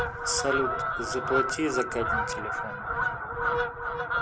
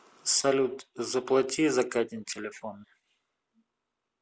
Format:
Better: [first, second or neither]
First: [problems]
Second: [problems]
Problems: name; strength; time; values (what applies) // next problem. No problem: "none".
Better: second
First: background sound (Fowl); 3 dB above the speech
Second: none